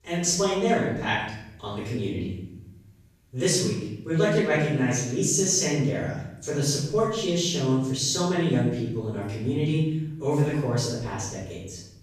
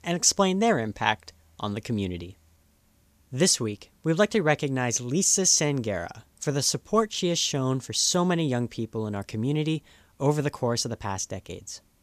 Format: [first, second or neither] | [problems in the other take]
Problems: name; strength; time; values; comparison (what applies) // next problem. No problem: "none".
second | off-mic speech; far // room echo; noticeable; dies away in 0.9 s